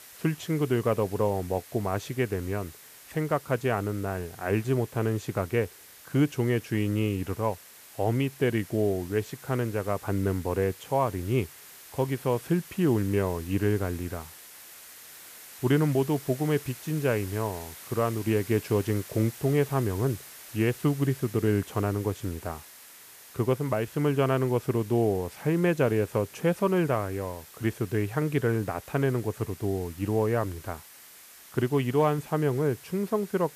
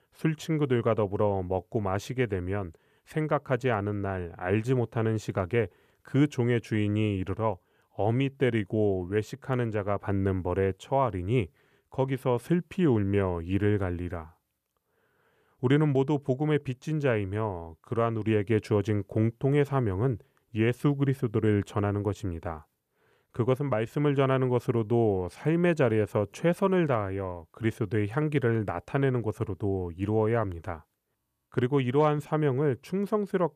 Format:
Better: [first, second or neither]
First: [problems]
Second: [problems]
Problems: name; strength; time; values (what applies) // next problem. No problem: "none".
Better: second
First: hiss; noticeable; throughout; 15 dB below the speech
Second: none